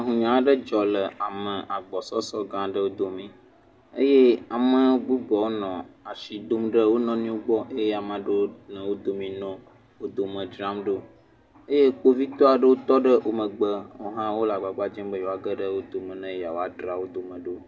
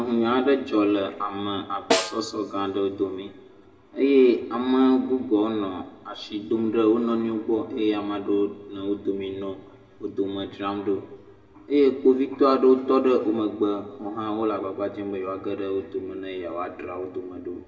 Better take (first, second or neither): first